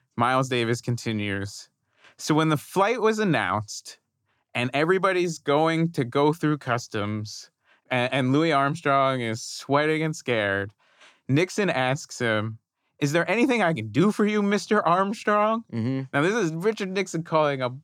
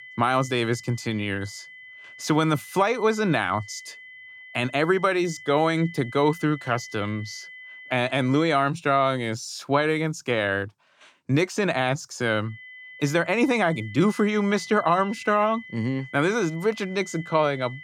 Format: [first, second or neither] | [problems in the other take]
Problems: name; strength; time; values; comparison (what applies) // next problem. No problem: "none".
first | high-pitched whine; noticeable; until 8.5 s and from 13 s on; 2 kHz, 15 dB below the speech